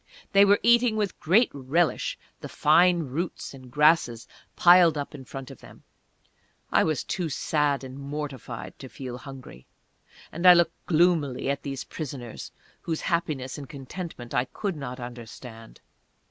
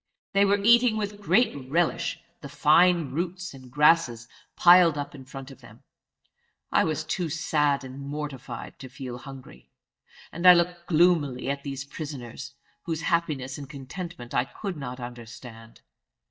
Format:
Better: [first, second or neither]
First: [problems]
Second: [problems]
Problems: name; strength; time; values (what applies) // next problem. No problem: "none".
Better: first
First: none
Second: noise reduction (neural mask model DeepFilterNet 3)